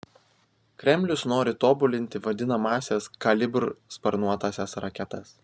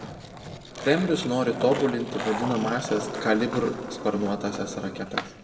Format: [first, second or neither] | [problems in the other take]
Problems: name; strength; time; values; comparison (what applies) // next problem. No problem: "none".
first | background sound (Skateboard); 8 dB below the speech // room echo; dies away in 1.2 s